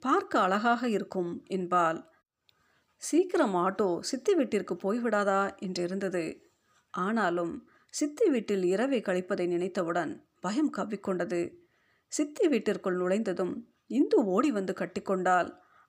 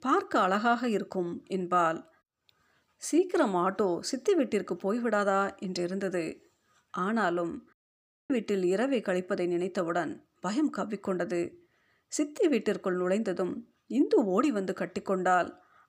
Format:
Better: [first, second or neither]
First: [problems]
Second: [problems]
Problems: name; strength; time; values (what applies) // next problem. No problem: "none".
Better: first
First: none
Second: audio cutting out; at 7.5 s for 0.5 s